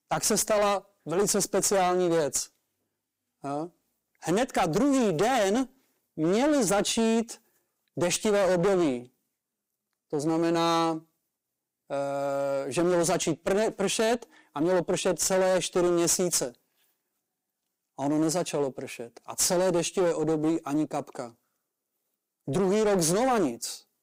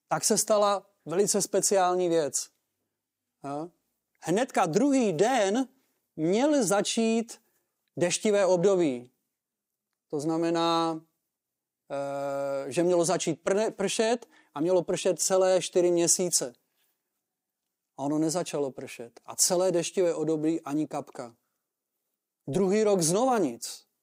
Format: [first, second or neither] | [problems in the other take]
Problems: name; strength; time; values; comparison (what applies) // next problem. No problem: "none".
second | distortion; slight; 13% of the sound clipped